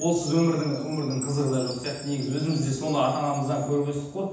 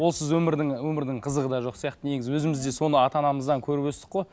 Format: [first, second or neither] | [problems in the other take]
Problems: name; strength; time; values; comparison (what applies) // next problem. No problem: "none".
second | background sound (Chime); 15 dB below the speech // room echo; dies away in 0.9 s